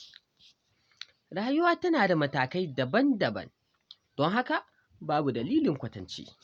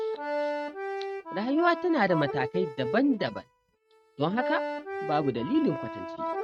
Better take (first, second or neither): first